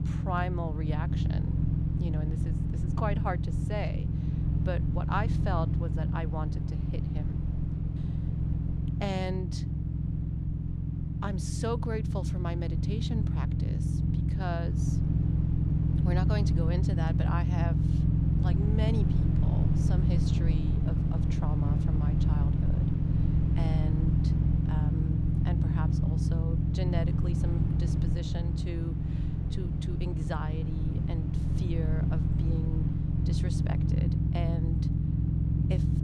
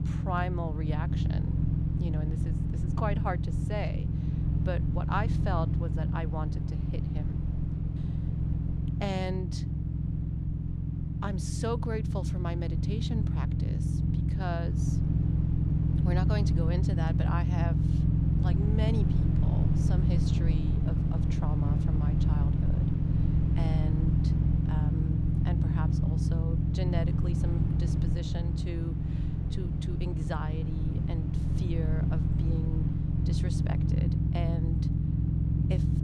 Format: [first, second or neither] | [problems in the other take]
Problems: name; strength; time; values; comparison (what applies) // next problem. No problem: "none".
neither | low rumble; loud; throughout; as loud as the speech; the same in both